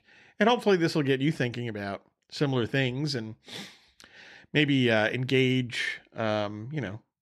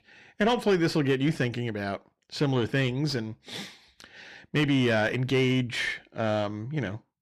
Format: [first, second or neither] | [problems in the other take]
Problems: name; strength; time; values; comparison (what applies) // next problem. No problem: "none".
first | distortion; slight; 10 dB below the speech